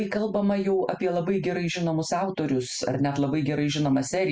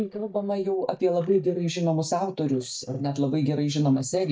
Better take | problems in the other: first | noise reduction (neural mask model DeepFilterNet 3)

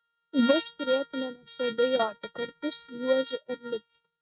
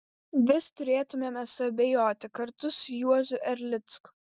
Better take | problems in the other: second | noise reduction (neural mask model RNNoise)

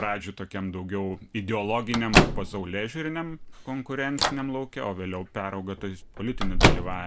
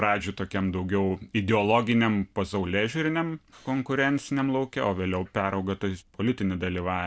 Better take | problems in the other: second | background sound (Microwave oven); 3 dB above the speech

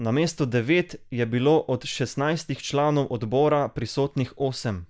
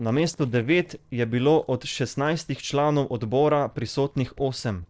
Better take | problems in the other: first | noise reduction (neural separator model SepFormer DNS4)

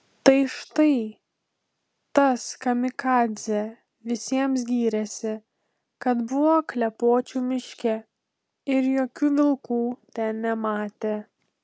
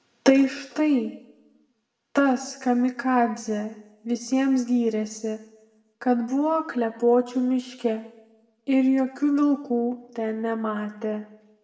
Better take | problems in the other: first | room echo; dies away in 0.7 s

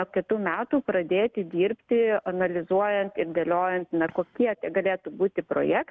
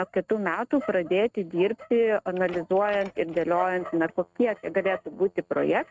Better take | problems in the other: first | noise reduction (neural mask model RNNoise)

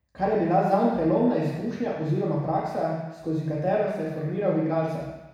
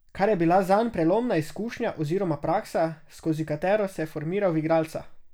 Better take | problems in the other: second | room echo; dies away in 1.1 s

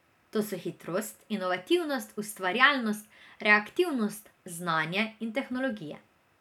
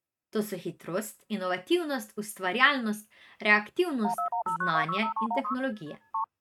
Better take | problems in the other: first | noise reduction (neural mask model RNNoise)

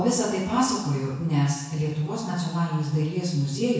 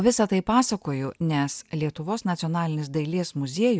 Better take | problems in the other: second | room echo; dies away in 1 s

